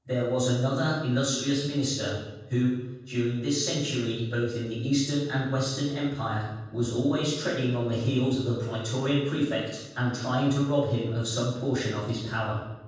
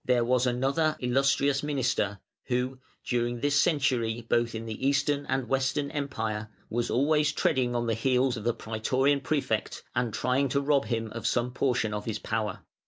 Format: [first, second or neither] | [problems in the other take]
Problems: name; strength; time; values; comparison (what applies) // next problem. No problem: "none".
second | room echo; dies away in 1.2 s